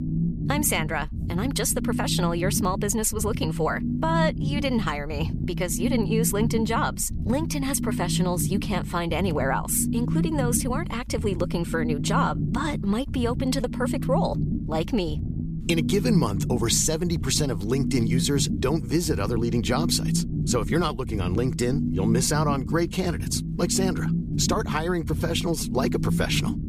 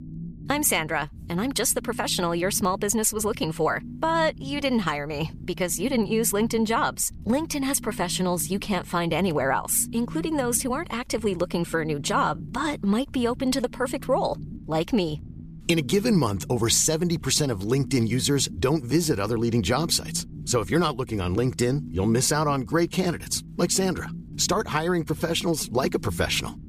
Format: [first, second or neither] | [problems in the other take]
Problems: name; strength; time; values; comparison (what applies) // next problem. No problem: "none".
second | low rumble; loud; throughout; 9 dB below the speech; faint in the second